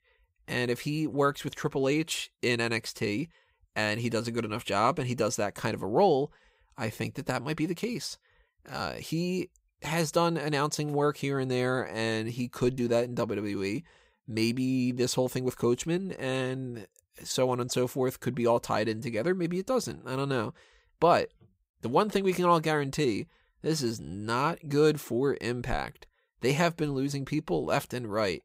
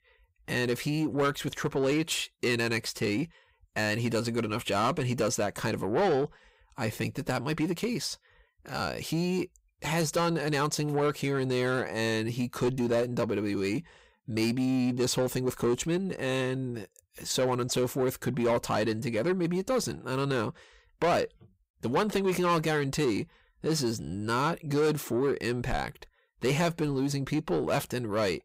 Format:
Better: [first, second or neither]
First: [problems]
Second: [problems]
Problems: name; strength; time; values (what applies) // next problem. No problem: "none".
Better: first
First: none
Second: distortion; slight; 10 dB below the speech